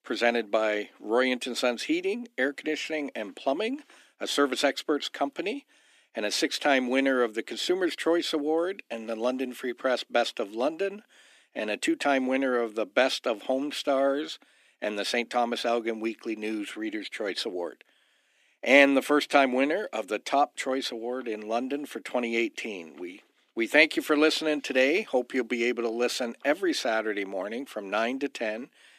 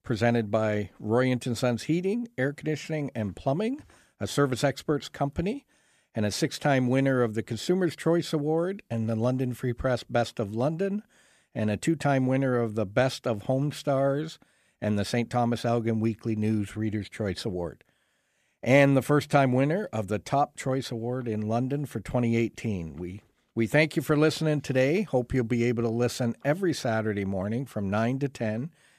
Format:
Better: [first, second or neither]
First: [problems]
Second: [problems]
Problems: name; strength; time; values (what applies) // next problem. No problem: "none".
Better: second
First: thin; very slightly; fading below 250 Hz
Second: none